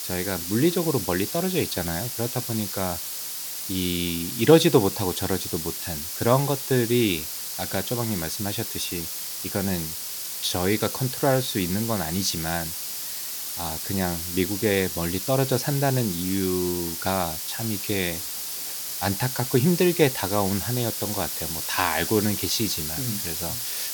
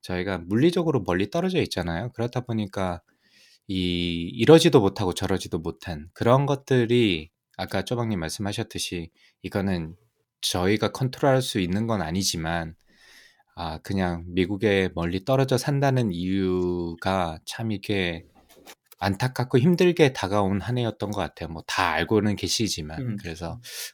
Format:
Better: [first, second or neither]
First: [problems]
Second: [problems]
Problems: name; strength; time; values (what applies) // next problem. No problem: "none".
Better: second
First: hiss; loud; throughout; 3 dB below the speech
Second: none